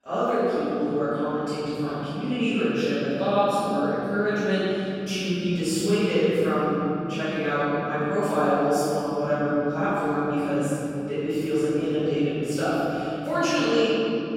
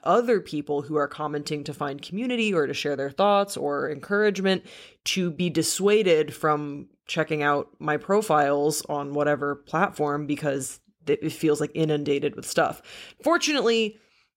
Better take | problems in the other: second | room echo; strong; dies away in 3 s // off-mic speech; far

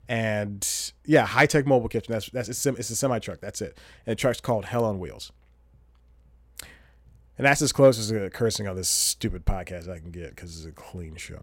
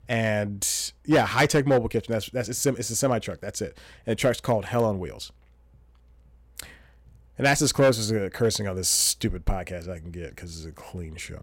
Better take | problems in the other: first | distortion; slight; 2% of the sound clipped

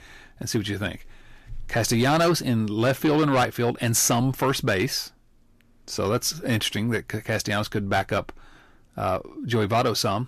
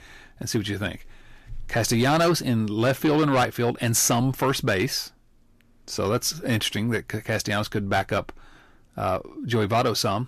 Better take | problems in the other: neither | distortion; slight; 10 dB below the speech; the same in both

